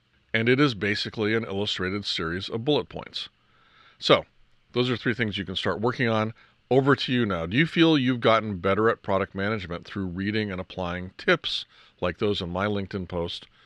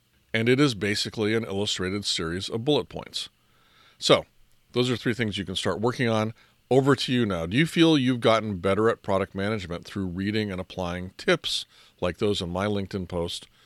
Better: second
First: muffled; very slightly; fading above 3.5 kHz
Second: none

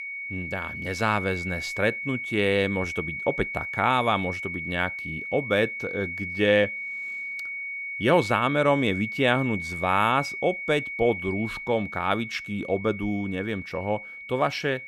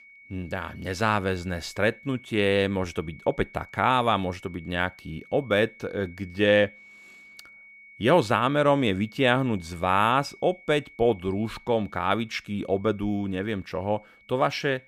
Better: second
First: high-pitched whine; loud; throughout; 2 kHz, 6 dB below the speech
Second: high-pitched whine; faint; throughout; 2 kHz, 25 dB below the speech

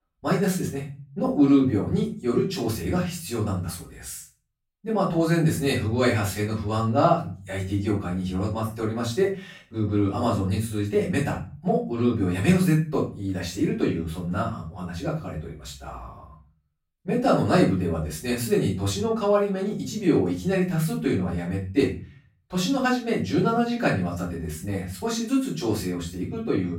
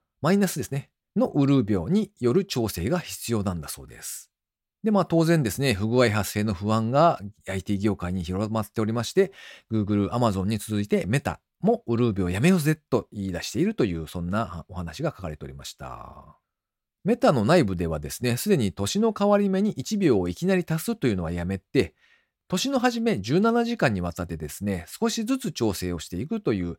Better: second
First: off-mic speech; far // room echo; noticeable; dies away in 0.4 s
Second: none

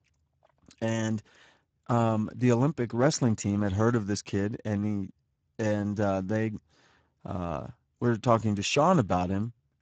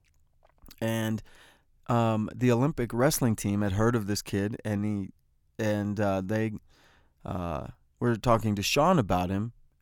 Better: second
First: garbled, watery; badly; nothing above 7.5 kHz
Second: none

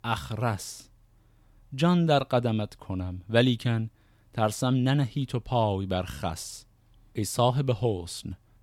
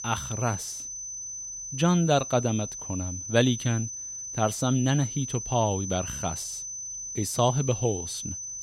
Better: first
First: none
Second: high-pitched whine; loud; throughout; 6 kHz, 7 dB below the speech

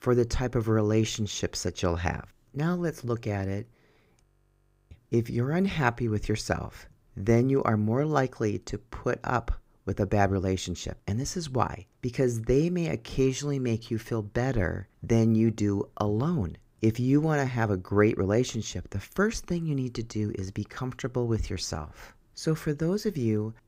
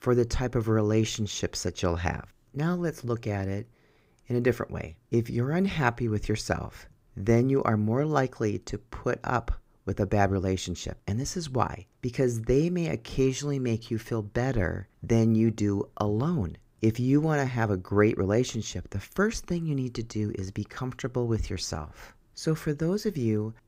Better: second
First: audio freezing; at 4 s for 0.5 s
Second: none

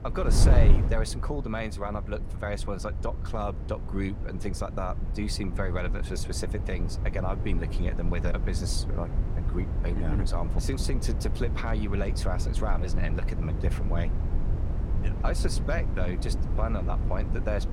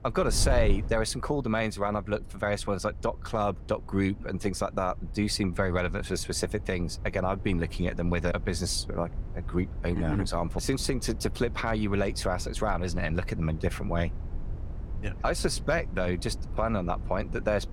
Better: second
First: wind noise on the microphone; heavy; 8 dB below the speech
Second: wind noise on the microphone; occasional gusts; 20 dB below the speech

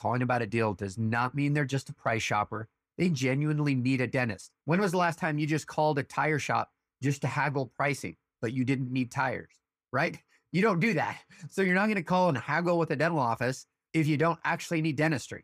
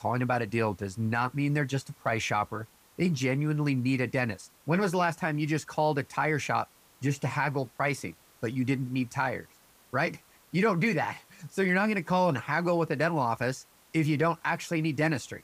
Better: first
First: none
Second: hiss; faint; throughout; 30 dB below the speech

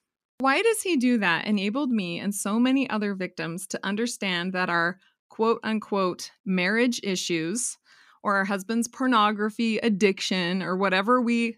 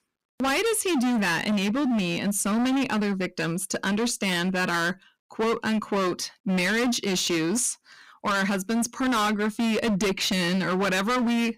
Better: first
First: none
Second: distortion; heavy; 29% of the sound clipped

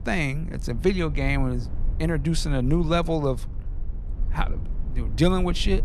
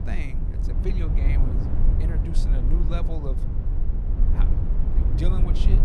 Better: first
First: low rumble; faint; throughout; 20 dB below the speech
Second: low rumble; loud; throughout; 1 dB below the speech

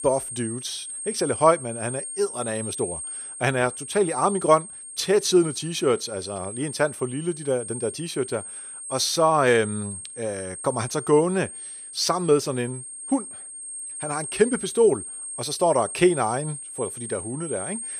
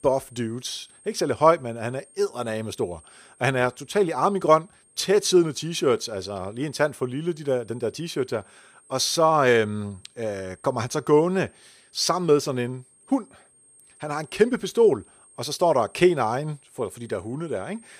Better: second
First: high-pitched whine; loud; throughout; 8.5 kHz, 9 dB below the speech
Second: high-pitched whine; faint; throughout; 8.5 kHz, 30 dB below the speech

